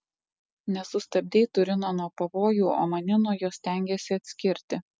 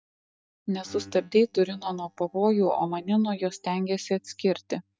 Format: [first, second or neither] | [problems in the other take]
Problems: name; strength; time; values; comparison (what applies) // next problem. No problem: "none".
first | noise reduction (neural mask model DeepFilterNet 3)